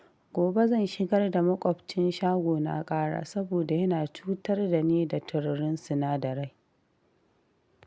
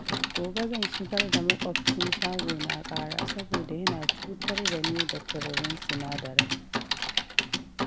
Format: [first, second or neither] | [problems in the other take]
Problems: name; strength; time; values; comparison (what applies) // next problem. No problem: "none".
first | background sound (Typing); 5 dB above the speech